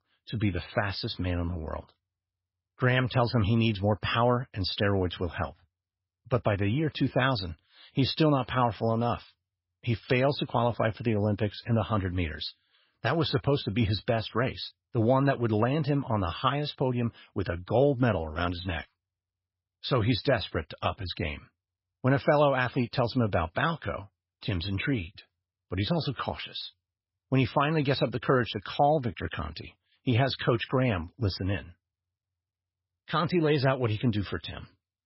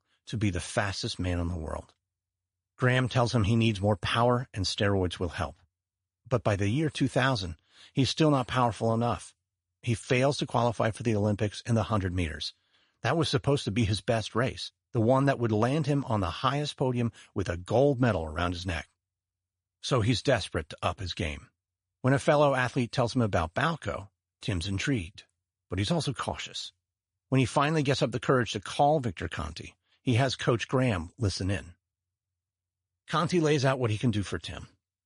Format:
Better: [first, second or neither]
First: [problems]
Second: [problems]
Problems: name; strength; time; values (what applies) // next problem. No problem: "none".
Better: second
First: garbled, watery; badly; nothing above 5.5 kHz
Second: garbled, watery; slightly; nothing above 10.5 kHz